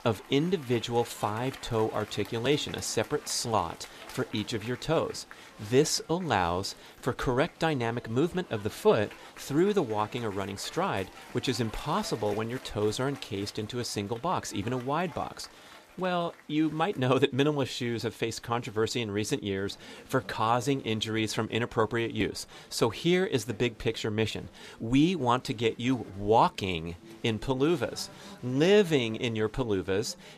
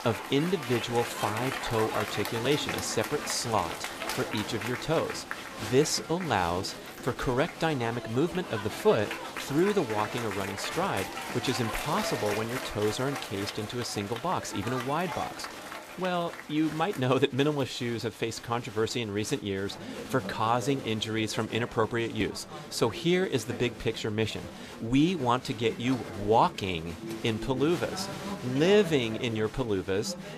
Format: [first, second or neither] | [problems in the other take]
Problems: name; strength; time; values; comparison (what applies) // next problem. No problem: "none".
first | crowd noise; loud; throughout; 8 dB below the speech; faint in the first